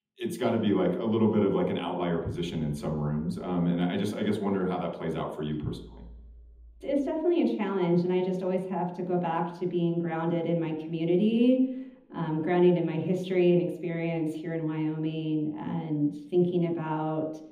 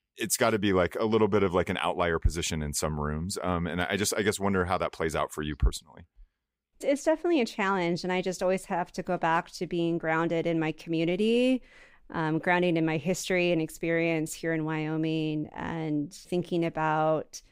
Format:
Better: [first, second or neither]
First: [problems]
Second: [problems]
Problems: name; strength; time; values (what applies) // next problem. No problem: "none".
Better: second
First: room echo; noticeable; dies away in 0.8 s // off-mic speech; far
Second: none